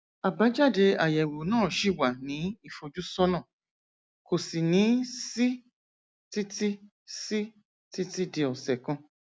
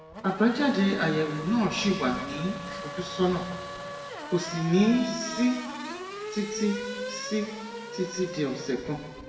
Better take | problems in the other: first | background sound (Race car, auto racing / Accelerating, revving, vroom); 9 dB below the speech // room echo; dies away in 1.3 s

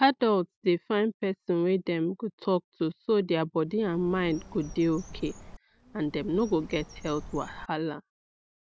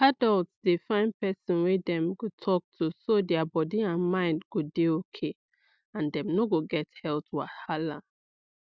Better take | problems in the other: second | background sound (Bird); 16 dB below the speech

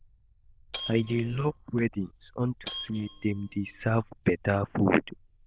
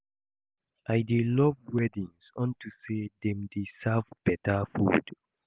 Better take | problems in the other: second | noise reduction (neural diffusion model UNIVERSE++)

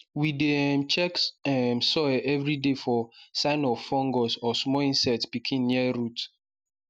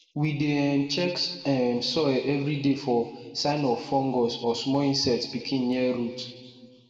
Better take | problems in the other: first | room echo; dies away in 1.4 s

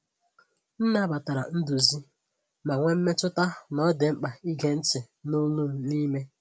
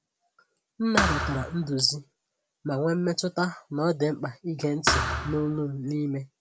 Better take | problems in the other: first | background sound (Thump, thud); 1 dB below the speech

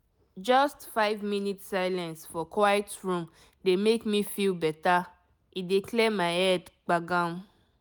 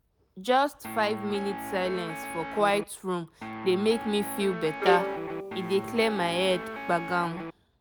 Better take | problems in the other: first | background sound (Guitar + Bowed string instrument); 5 dB below the speech

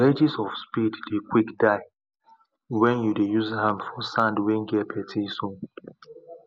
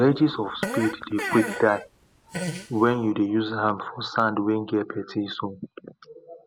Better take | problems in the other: first | background sound (Fart); 8 dB below the speech

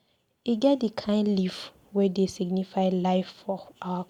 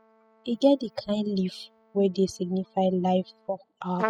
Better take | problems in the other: first | noise reduction (classical method spectral subtraction)

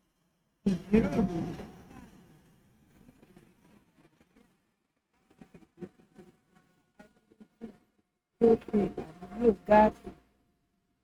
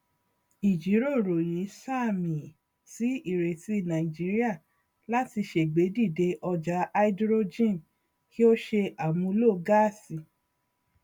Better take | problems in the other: second | noise reduction (neural mask model RNNoise)

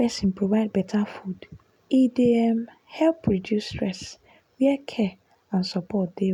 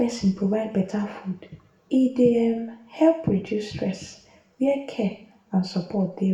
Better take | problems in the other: first | room echo; dies away in 0.5 s

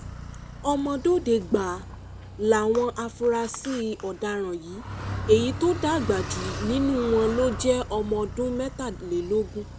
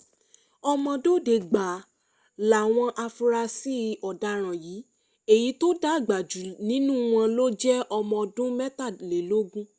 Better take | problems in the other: second | background sound (Car); 10 dB below the speech

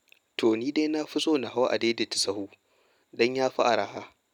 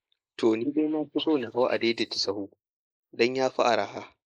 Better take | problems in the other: first | noise reduction (neural mask model Resemble Enhance denoiser)

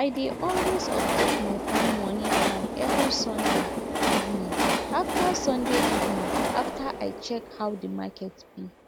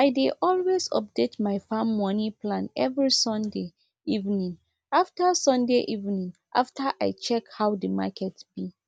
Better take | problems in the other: second | background sound (Train); 3 dB above the speech

